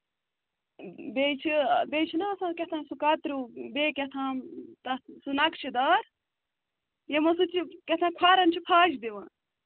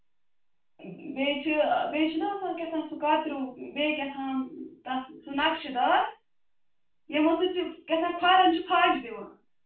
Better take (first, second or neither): first